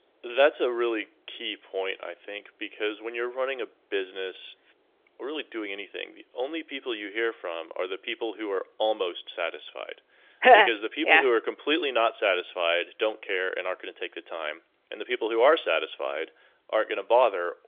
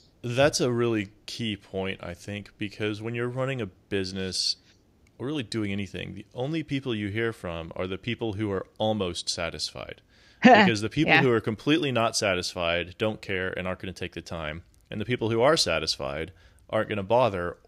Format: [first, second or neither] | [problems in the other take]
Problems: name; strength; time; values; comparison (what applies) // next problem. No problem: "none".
second | phone-call audio; nothing above 3.5 kHz